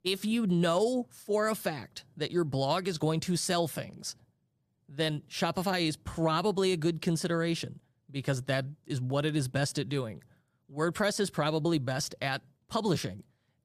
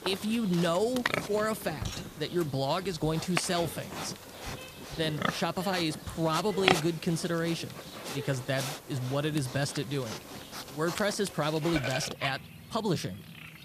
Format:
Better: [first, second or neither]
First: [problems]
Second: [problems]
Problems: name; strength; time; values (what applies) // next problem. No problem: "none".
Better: first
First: none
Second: animal sounds; loud; throughout; 5 dB below the speech